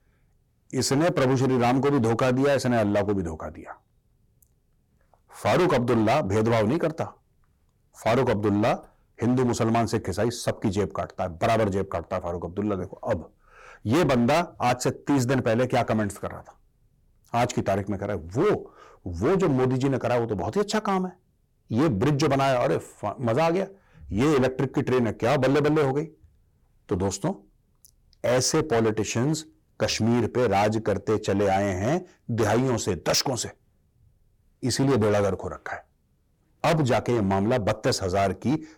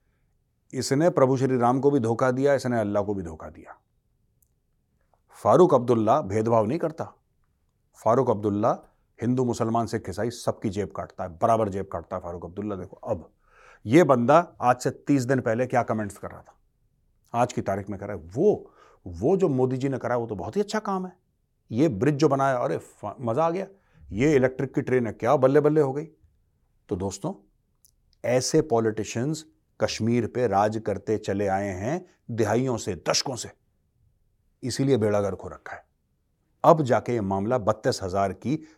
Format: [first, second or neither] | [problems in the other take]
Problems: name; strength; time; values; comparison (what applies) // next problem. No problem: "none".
second | distortion; heavy; 14% of the sound clipped